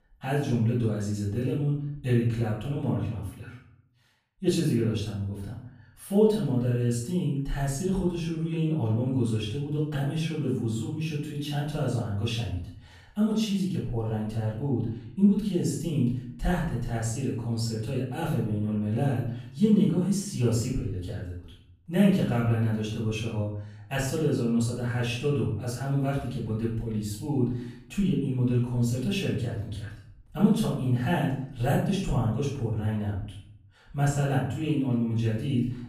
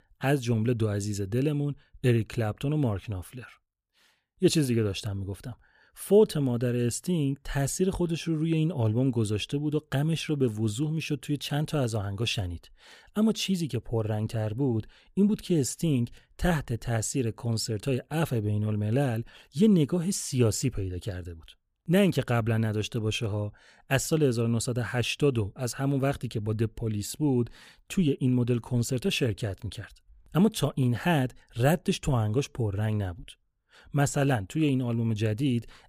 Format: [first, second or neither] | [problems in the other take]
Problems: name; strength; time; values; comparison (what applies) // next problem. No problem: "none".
second | off-mic speech; far // room echo; noticeable; dies away in 0.6 s